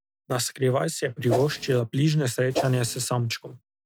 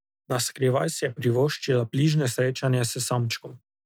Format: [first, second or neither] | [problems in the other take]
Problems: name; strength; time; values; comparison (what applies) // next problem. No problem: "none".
second | background sound (Whoosh, swoosh, swish); 5 dB below the speech